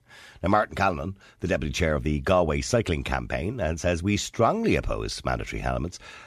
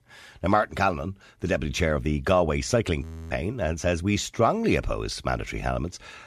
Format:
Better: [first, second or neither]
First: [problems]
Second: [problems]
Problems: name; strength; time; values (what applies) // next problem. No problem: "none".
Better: first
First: none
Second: audio freezing; at 3 s